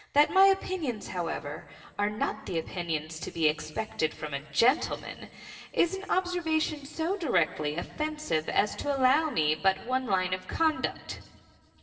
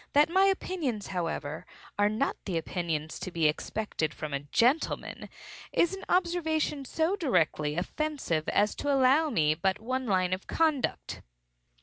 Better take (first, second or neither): second